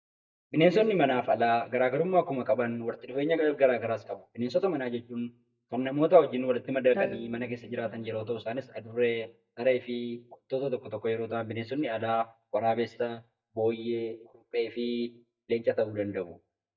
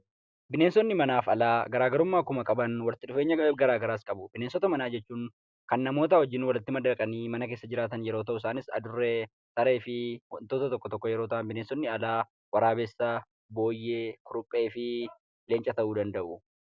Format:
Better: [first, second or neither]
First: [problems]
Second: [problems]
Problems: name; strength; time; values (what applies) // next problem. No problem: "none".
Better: second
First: noise reduction (neural mask model DeepFilterNet 3)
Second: none